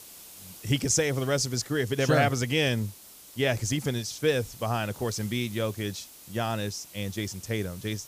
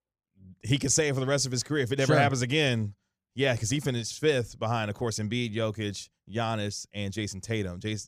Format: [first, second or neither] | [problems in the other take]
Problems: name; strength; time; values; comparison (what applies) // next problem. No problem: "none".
second | hiss; noticeable; throughout; 15 dB below the speech